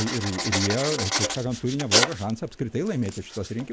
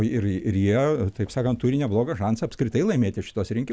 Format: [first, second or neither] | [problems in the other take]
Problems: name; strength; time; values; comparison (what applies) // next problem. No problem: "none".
second | background sound (Writing); 1 dB below the speech